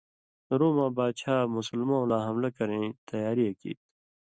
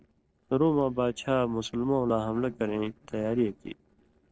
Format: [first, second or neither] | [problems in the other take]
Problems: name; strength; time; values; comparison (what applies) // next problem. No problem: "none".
first | noise reduction (neural separator model SepFormer DNS4)